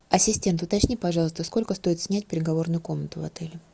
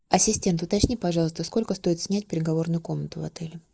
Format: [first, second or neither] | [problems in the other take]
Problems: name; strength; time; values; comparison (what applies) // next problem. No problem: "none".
first | noise reduction (neural mask model Resemble Enhance denoiser)